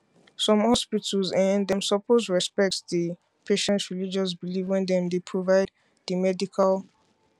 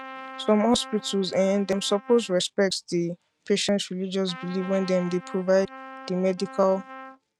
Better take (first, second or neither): first